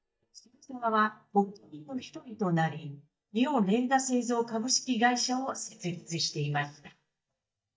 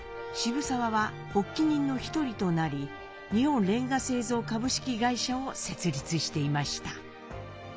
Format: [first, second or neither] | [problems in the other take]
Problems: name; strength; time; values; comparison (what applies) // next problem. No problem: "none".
second | noise reduction (neural mask model DeepFilterNet 3)